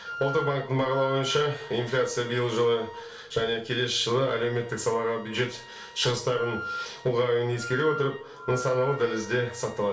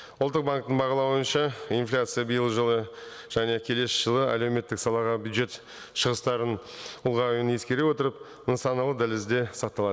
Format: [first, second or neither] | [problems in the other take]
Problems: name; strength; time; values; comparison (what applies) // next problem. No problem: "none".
second | background sound (Wind instrument, woodwind instrument); 13 dB below the speech // room echo; dies away in 0.3 s